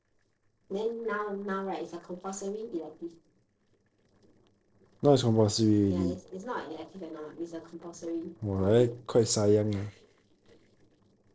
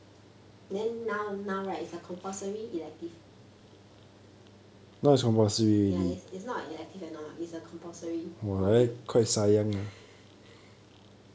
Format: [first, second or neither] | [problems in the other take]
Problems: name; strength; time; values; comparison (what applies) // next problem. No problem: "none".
second | noise reduction (neural separator model SepFormer DNS4)